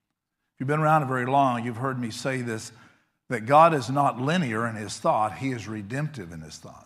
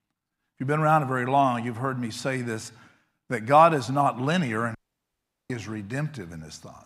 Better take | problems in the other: first | audio cutting out; at 5 s for 1 s

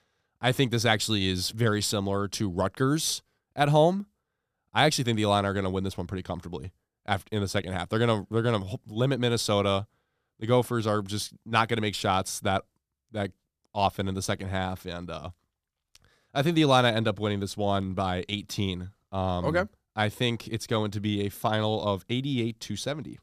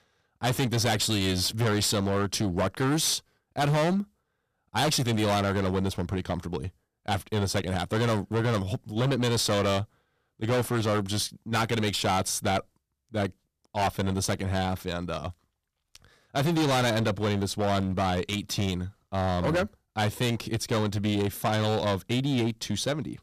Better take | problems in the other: first | distortion; heavy; 15% of the sound clipped

